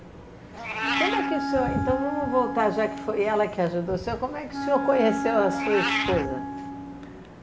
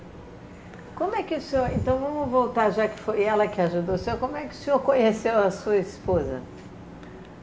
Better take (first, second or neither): second